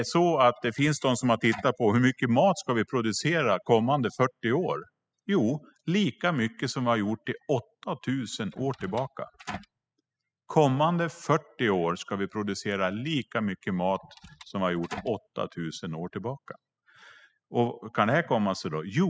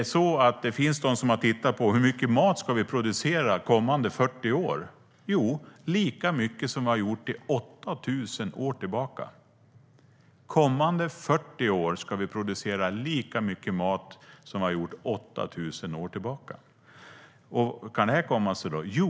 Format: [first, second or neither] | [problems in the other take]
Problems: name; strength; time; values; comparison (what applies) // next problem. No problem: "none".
second | noise reduction (classical method spectral subtraction)